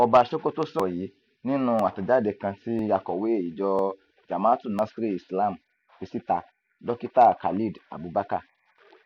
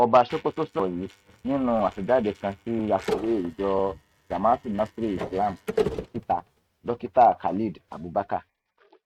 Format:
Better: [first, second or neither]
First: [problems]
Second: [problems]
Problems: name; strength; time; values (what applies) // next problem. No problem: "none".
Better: first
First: none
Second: noise reduction (neural mask model RNNoise)